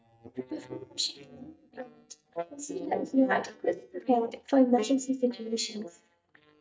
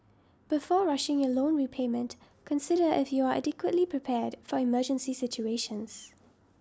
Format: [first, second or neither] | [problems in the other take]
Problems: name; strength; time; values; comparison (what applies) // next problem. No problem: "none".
second | noise reduction (neural mask model DeepFilterNet 3)